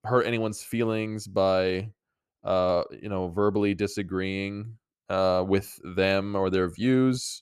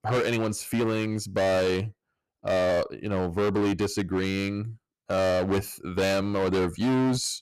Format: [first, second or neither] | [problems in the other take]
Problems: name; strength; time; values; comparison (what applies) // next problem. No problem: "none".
first | distortion; heavy; 20% of the sound clipped